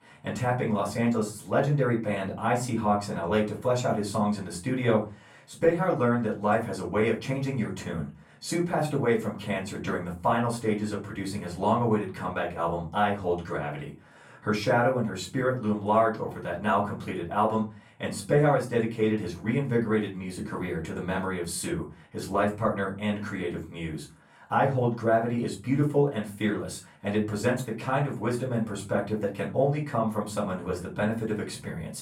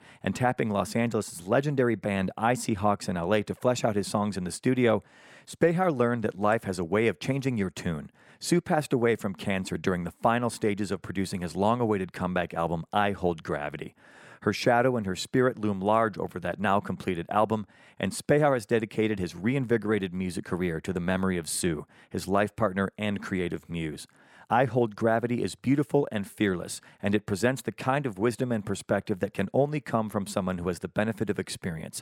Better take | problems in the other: second | off-mic speech; far // room echo; slight; dies away in 0.3 s

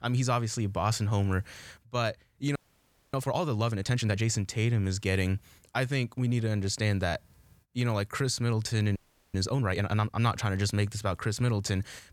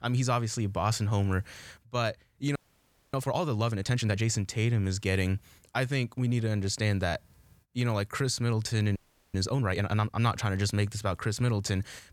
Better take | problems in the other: neither | audio freezing; at 2.5 s for 0.5 s and at 9 s; the same in both

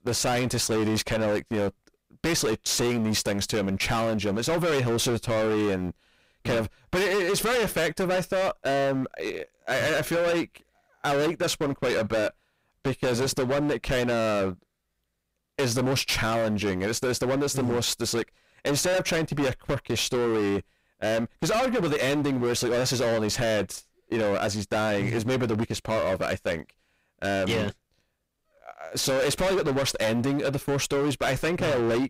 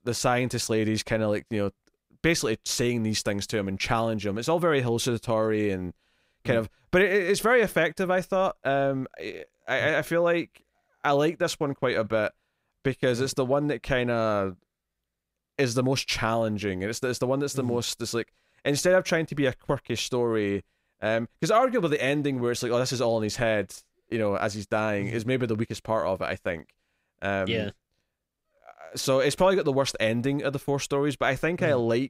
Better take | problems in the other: second | distortion; heavy; 25% of the sound clipped

